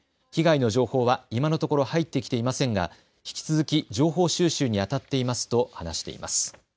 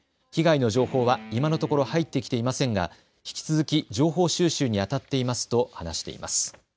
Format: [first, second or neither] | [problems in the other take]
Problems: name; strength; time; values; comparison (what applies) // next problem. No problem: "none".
first | background sound (Guitar); 18 dB below the speech